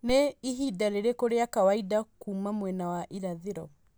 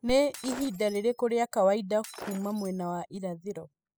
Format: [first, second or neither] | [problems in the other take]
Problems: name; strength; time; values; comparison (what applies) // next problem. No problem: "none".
first | noise reduction (classical method spectral subtraction)